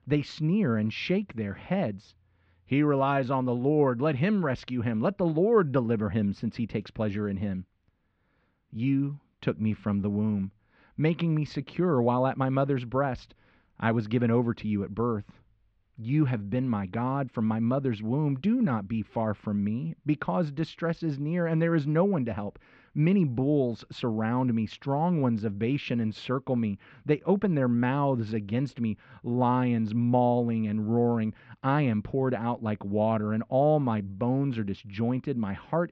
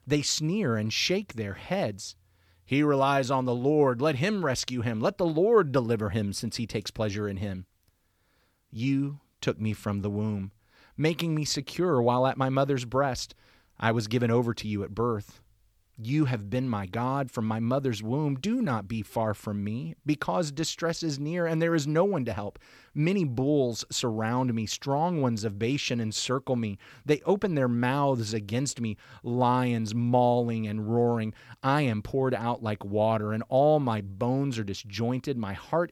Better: second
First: muffled; very; fading above 3 kHz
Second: none

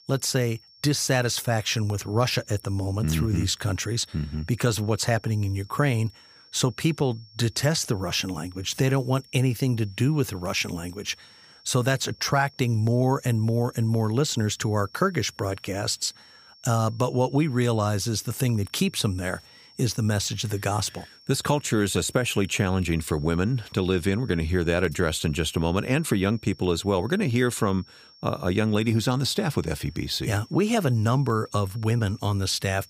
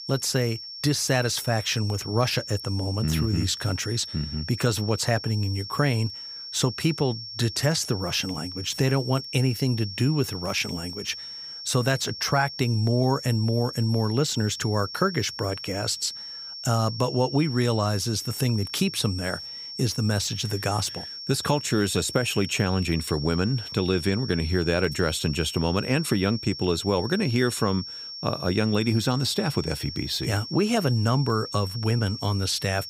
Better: first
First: high-pitched whine; faint; throughout; 5.5 kHz, 25 dB below the speech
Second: high-pitched whine; loud; throughout; 5.5 kHz, 9 dB below the speech

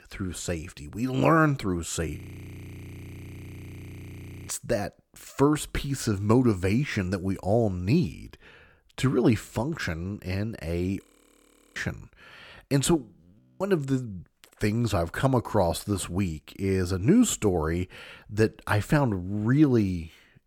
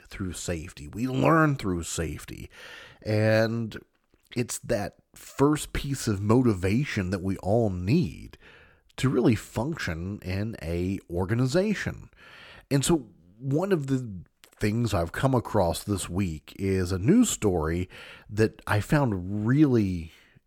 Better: second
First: audio freezing; at 2 s for 2.5 s, at 11 s for 0.5 s and at 13 s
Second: none

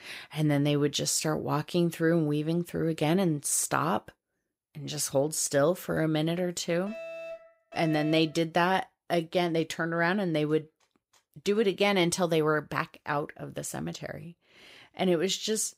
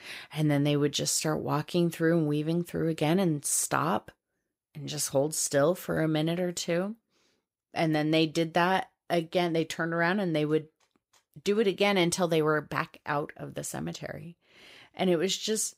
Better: second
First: alarm; faint; from 7 to 8.5 s; peak 10 dB below the speech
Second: none

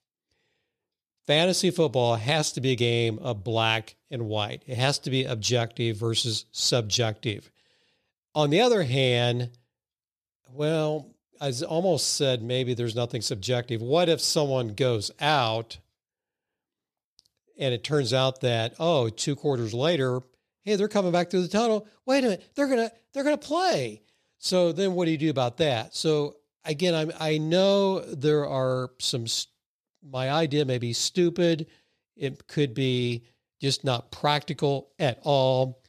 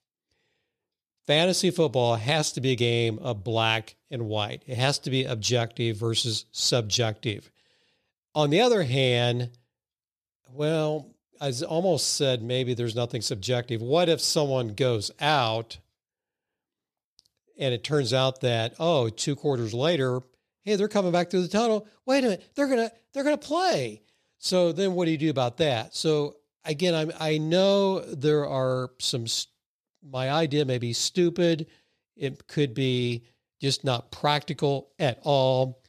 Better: neither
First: none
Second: none

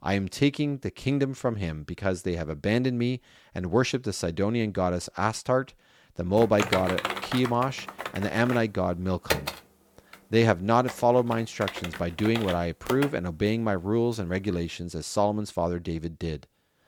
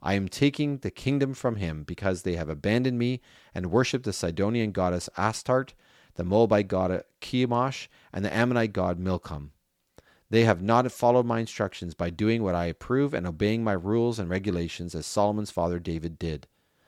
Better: second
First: keyboard typing; noticeable; from 6.5 to 13 s; peak 1 dB below the speech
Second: none

